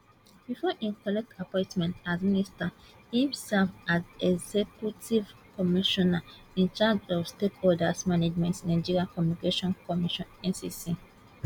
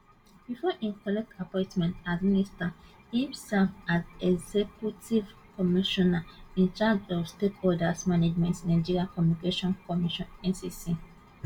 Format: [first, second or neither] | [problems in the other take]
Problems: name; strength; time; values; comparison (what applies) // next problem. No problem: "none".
first | room echo; dies away in 0.2 s